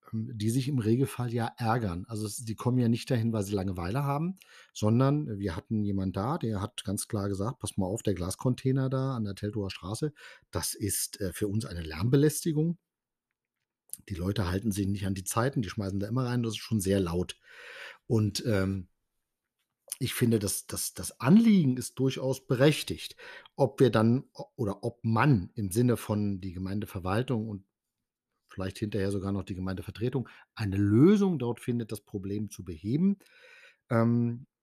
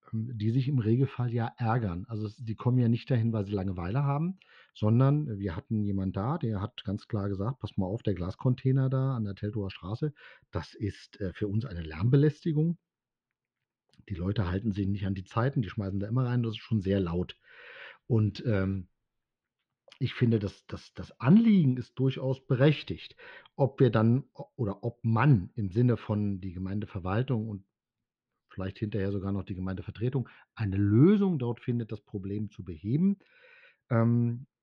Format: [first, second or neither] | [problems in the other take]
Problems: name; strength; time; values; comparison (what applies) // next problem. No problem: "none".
first | muffled; slightly; fading above 3.5 kHz